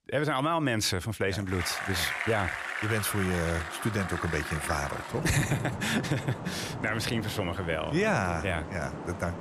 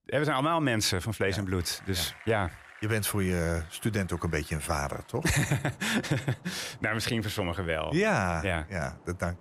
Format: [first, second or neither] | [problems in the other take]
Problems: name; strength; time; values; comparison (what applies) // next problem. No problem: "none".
second | traffic noise; loud; throughout; 6 dB below the speech; faint in the second